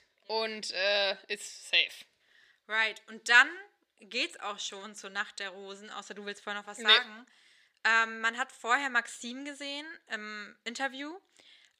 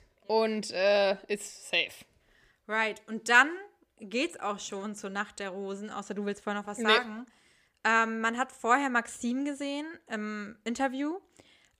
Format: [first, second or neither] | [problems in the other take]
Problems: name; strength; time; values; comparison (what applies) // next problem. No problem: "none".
second | thin; somewhat; fading below 900 Hz